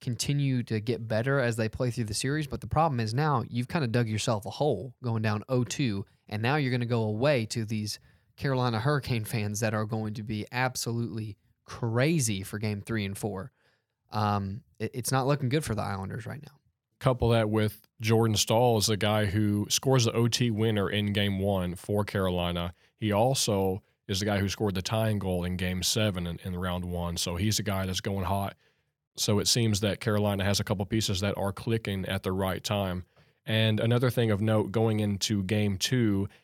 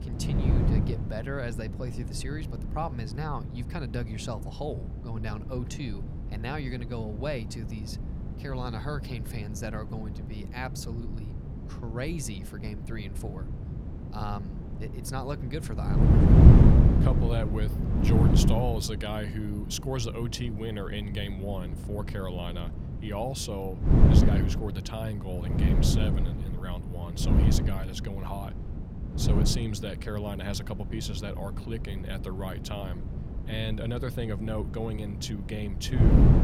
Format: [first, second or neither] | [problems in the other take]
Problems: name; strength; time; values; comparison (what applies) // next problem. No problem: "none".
first | wind noise on the microphone; heavy; 1 dB below the speech